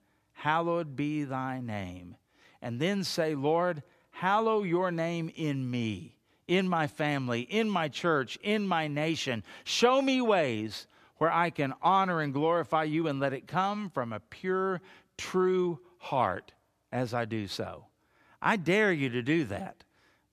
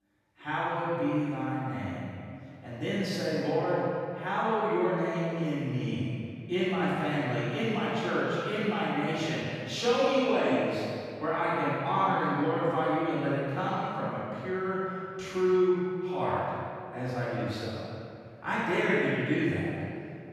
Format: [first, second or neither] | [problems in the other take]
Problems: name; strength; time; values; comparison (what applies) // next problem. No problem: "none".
first | off-mic speech; far // room echo; strong; dies away in 2.2 s